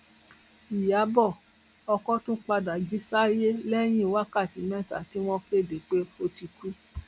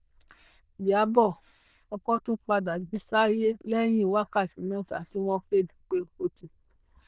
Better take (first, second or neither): first